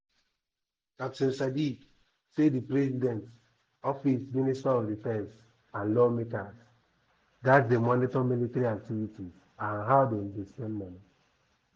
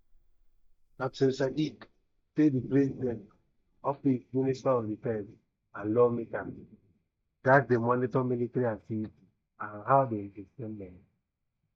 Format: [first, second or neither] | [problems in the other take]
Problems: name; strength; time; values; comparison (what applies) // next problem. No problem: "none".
first | noise reduction (neural mask model DeepFilterNet 3)